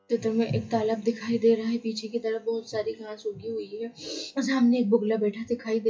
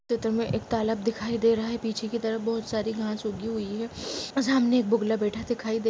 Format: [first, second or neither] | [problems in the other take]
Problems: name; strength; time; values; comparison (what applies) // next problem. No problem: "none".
second | noise reduction (classical method WPE with log-MMSE)